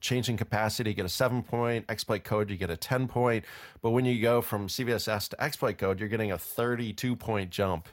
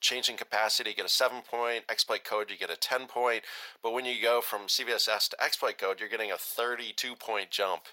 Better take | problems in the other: first | thin; very; fading below 500 Hz

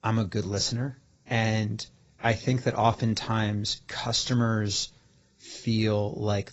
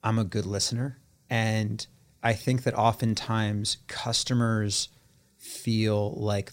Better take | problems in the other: second | garbled, watery; badly; nothing above 7.5 kHz

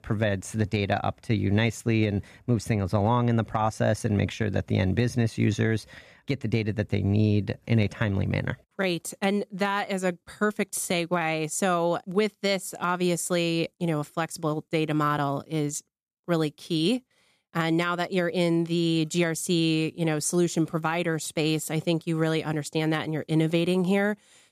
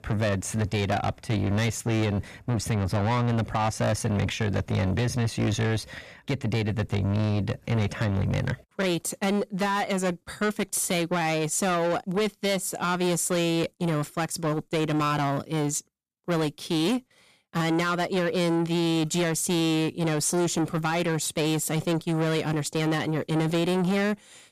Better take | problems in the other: first | distortion; heavy; 7 dB below the speech

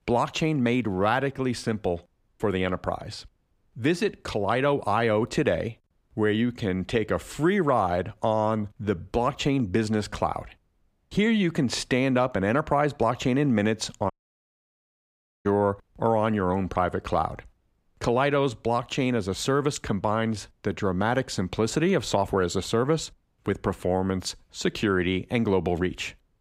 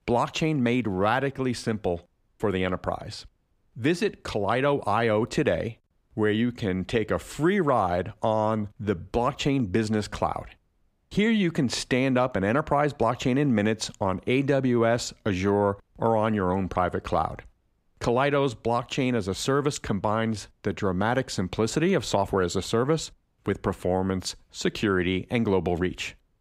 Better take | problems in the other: second | audio cutting out; at 14 s for 1.5 s

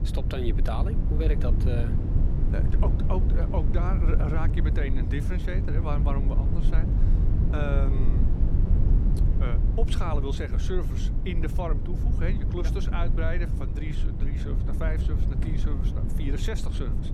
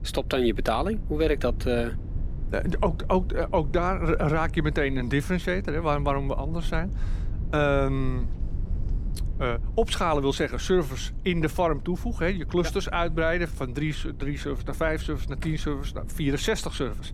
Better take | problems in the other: second | low rumble; loud; throughout; 4 dB below the speech; faint in the second

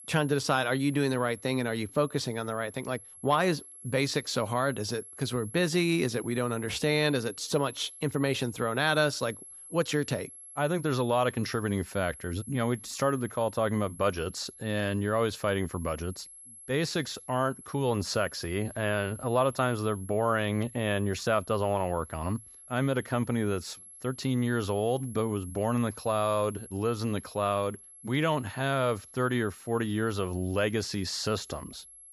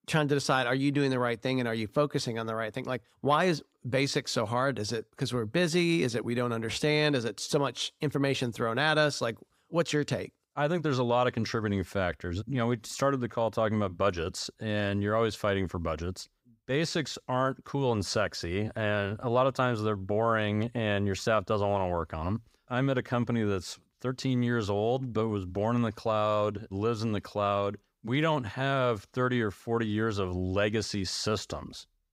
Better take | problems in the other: second | high-pitched whine; noticeable; throughout; 11 kHz, 15 dB below the speech

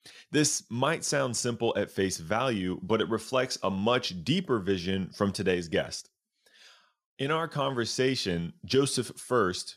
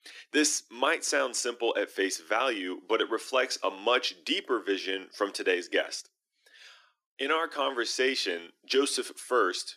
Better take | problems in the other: first | thin; somewhat; fading below 300 Hz

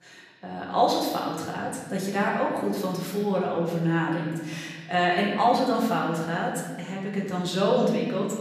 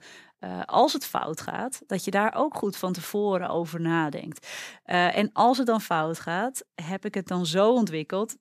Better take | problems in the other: second | room echo; noticeable; dies away in 1.6 s // off-mic speech; far

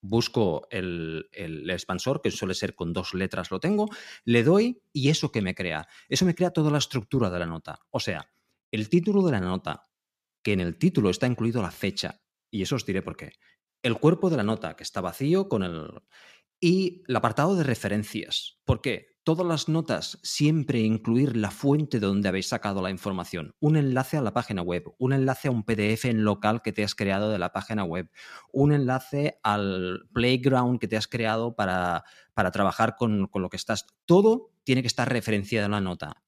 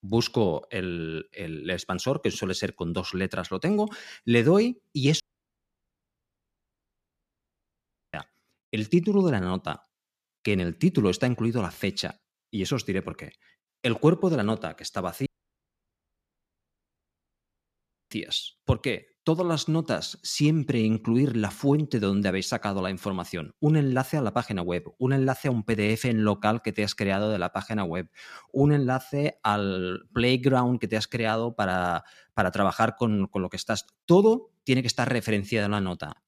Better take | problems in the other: first | audio cutting out; at 5 s for 3 s and at 15 s for 3 s

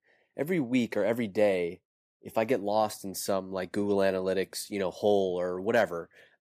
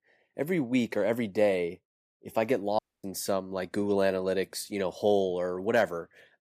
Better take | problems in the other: first | audio cutting out; at 3 s

